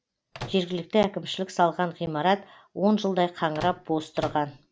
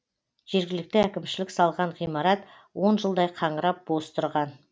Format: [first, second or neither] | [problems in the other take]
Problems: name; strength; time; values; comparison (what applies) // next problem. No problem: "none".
second | background sound (Microwave oven); 14 dB below the speech